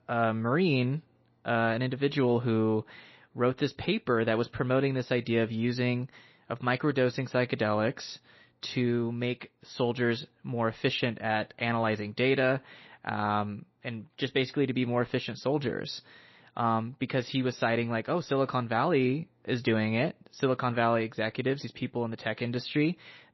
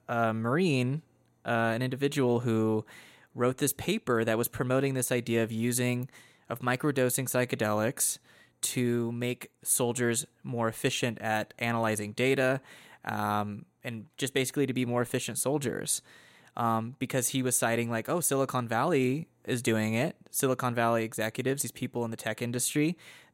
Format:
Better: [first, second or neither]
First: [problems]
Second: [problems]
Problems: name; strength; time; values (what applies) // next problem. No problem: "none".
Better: second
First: garbled, watery; slightly; nothing above 6 kHz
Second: none